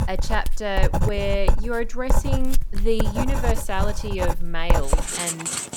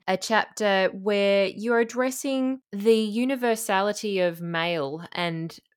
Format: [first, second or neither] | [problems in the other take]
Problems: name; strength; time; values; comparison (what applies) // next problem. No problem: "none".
second | household noises; very loud; throughout; 2 dB above the speech